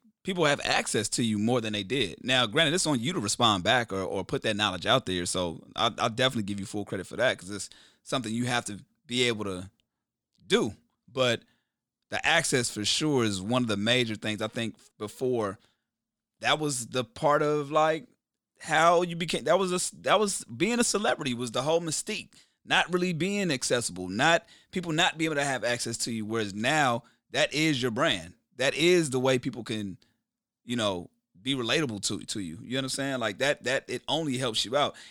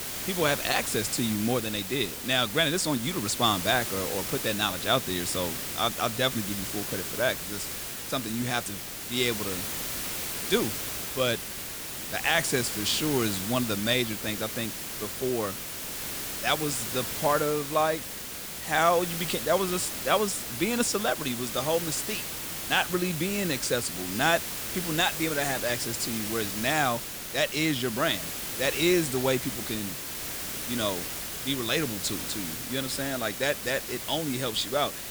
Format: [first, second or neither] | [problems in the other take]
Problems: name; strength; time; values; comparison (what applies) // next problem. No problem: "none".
first | hiss; loud; throughout; 3 dB below the speech